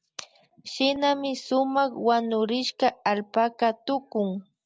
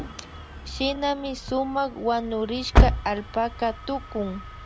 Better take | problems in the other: first | background sound (Engine starting); 1 dB above the speech

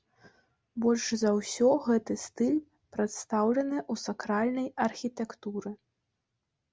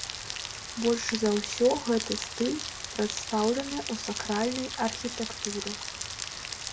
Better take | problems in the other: first | background sound (Rain); 6 dB below the speech // room echo; dies away in 0.2 s

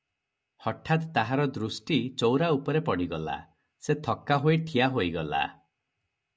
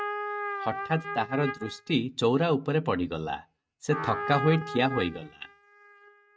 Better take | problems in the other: first | noise reduction (neural mask model RNNoise)

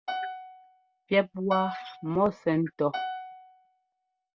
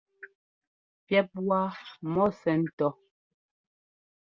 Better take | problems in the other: second | background sound (Piano); 9 dB below the speech

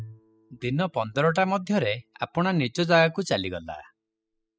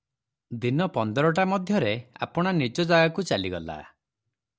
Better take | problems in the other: second | noise reduction (classical method spectral subtraction)

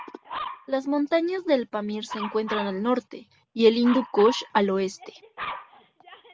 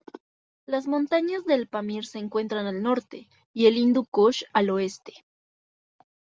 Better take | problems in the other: second | background sound (Dog); 13 dB below the speech

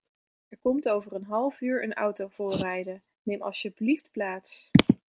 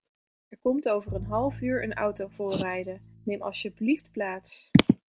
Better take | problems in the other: first | background sound (Bowed string instrument); 14 dB below the speech

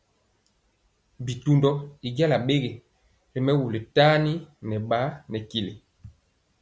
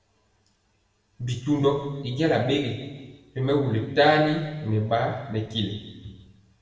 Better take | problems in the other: first | room echo; dies away in 1.3 s

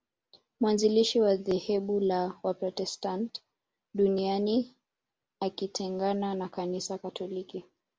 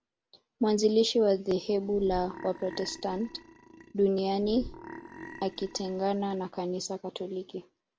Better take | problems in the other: first | background sound (Burping, eructation); 15 dB below the speech

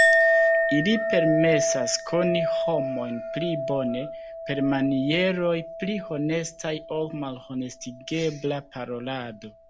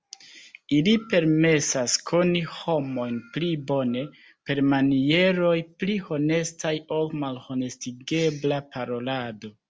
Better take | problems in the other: second | background sound (Chink, clink); as loud as the speech

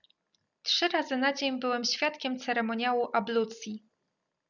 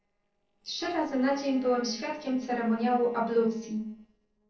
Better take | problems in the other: first | noise reduction (neural separator model SepFormer DNS4)

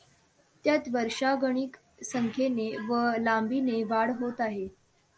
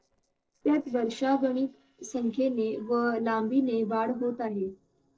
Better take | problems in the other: first | noise reduction (neural separator model SepFormer DNS4)

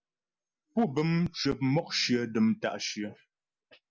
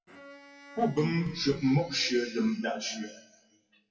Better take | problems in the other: first | noise reduction (classical method WPE with log-MMSE)

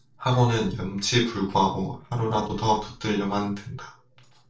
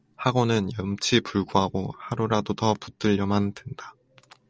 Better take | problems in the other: second | noise reduction (neural separator model SepFormer DNS4)

